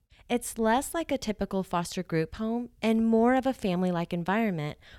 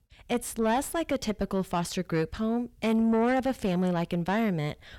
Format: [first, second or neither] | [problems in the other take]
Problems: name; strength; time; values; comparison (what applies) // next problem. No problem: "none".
first | distortion; slight; 10 dB below the speech